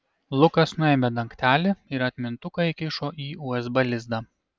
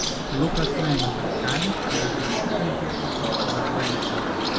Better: first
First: none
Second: background sound (Bird); 4 dB above the speech // room echo; dies away in 0.4 s

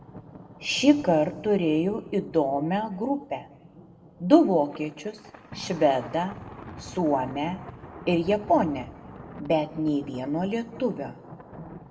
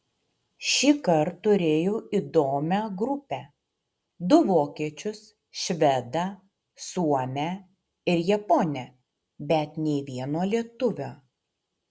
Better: second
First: background sound (Thunder); 17 dB below the speech // room echo; dies away in 0.8 s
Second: none

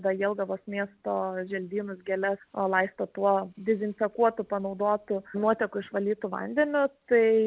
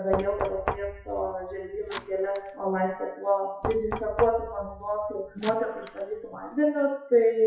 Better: first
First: none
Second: noise reduction (classical method WPE with log-MMSE)

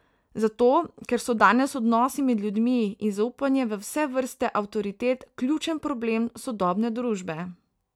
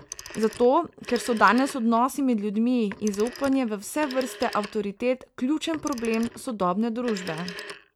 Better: first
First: none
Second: background sound (Telephone); 17 dB below the speech

